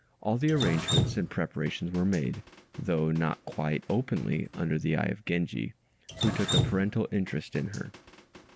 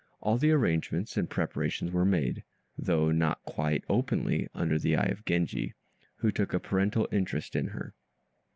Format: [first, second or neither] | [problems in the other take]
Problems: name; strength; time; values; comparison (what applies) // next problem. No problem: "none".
second | background sound (Drip); 6 dB below the speech